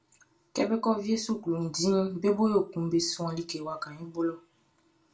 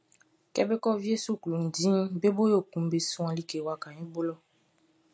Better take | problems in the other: second | room echo; dies away in 0.2 s

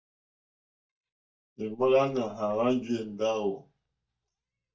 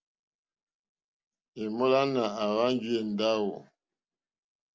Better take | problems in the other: second | noise reduction (neural mask model DeepFilterNet 3)

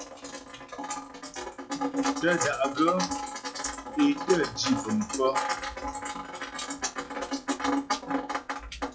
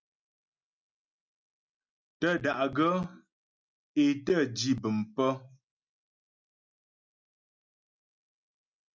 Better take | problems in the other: second | noise reduction (classical method log-MMSE)

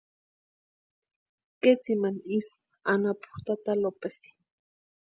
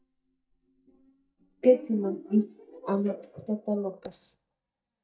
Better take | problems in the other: first | noise reduction (neural mask model DeepFilterNet 3)

